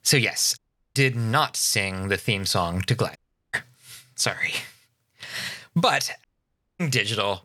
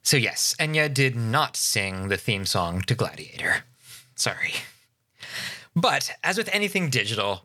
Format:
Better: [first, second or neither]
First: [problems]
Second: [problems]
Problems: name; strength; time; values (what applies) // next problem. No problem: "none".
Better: second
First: audio cutting out; at 0.5 s, at 3 s and at 6 s for 0.5 s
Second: none